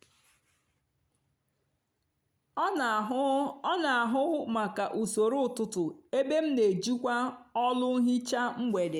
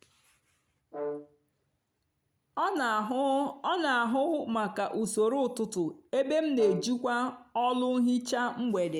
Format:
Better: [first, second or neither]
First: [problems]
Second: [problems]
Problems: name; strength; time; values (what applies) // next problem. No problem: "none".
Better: first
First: none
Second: background sound (Brass instrument); 12 dB below the speech